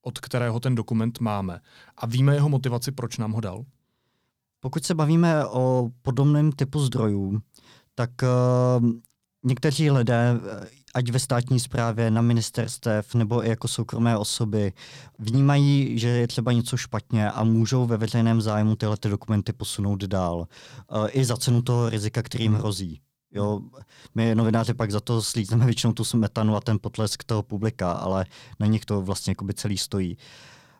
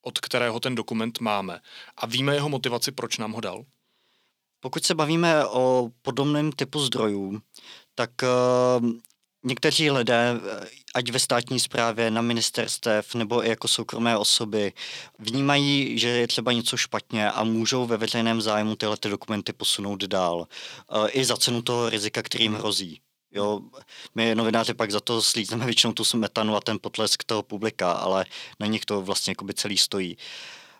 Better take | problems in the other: first | thin; somewhat; fading below 300 Hz

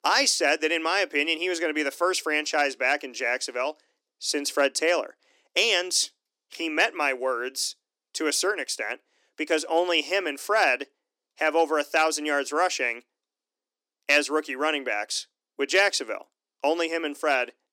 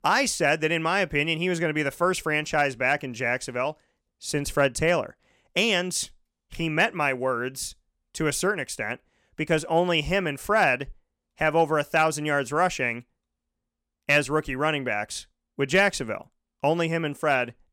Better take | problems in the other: second | thin; very slightly; fading below 300 Hz

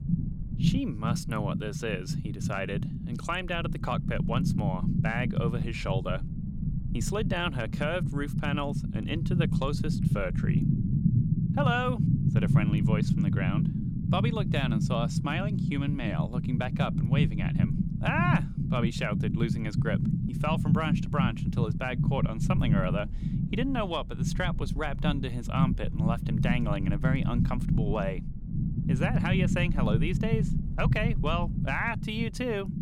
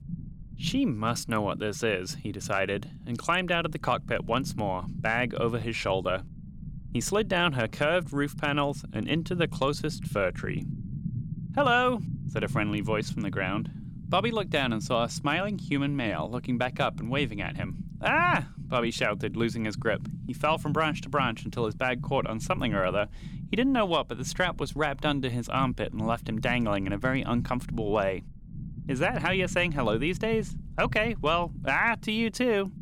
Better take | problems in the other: second | low rumble; loud; throughout; 5 dB below the speech; faint in the second

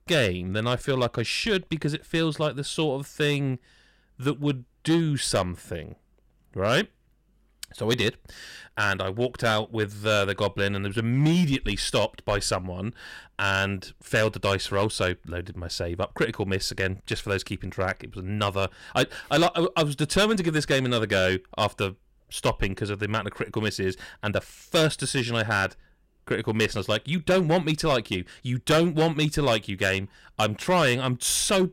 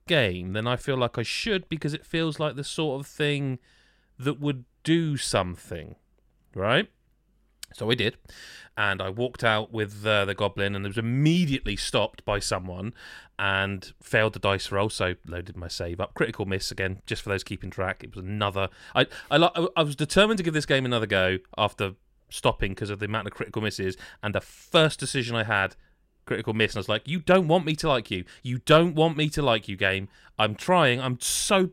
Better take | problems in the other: second | distortion; slight; 4% of the sound clipped

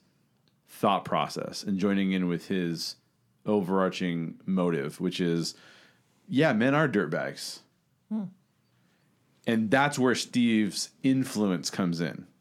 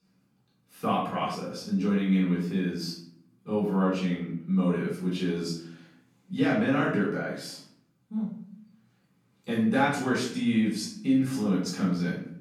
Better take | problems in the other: first | off-mic speech; far // room echo; noticeable; dies away in 0.5 s

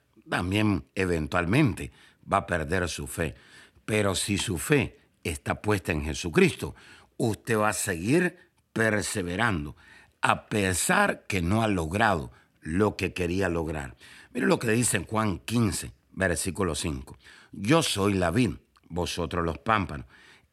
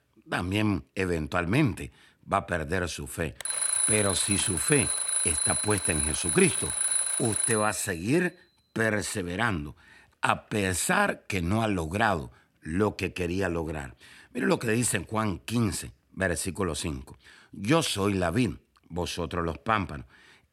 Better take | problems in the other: first | alarm; loud; from 3.5 to 7.5 s; peak 6 dB above the speech

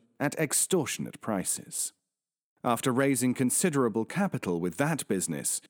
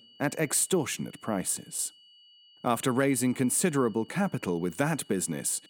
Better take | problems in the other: first | high-pitched whine; faint; throughout; 3 kHz, 25 dB below the speech

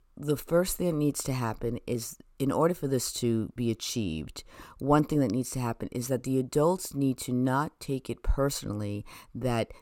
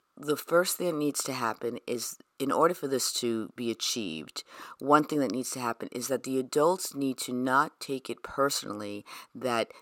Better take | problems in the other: first | thin; very slightly; fading below 300 Hz

